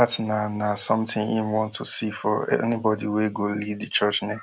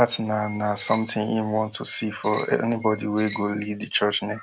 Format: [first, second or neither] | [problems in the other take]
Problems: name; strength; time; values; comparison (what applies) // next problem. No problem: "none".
first | background sound (Squeak); 16 dB below the speech